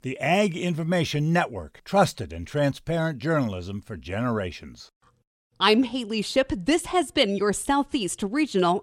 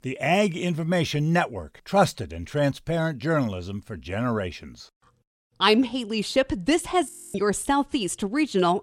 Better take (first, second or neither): first